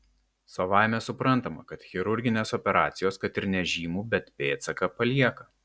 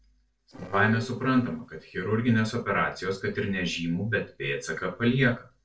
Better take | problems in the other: first | noise reduction (neural separator model SepFormer DNS4)

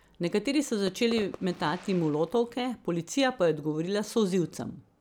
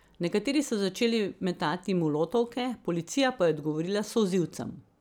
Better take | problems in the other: second | background sound (Fireworks); 19 dB below the speech

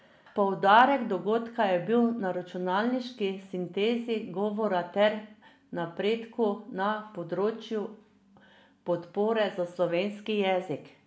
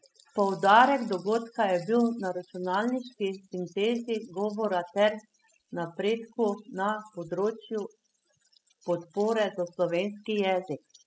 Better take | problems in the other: first | noise reduction (classical method spectral subtraction)

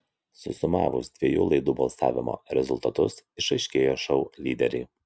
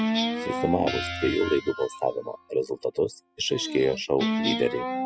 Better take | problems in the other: first | noise reduction (classical method spectral subtraction)

